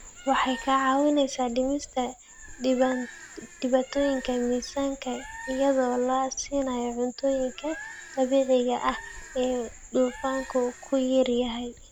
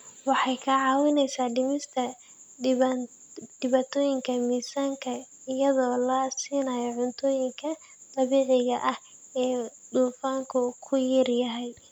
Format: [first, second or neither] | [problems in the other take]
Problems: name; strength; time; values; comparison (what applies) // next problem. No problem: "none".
second | background sound (Bird); 17 dB below the speech